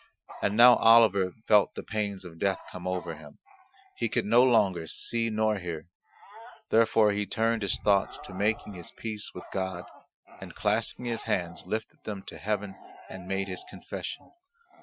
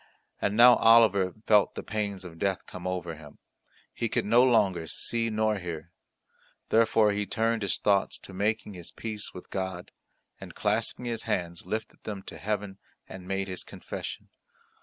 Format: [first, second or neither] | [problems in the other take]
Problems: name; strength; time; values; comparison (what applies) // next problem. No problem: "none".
second | noise reduction (classical method Wiener filter)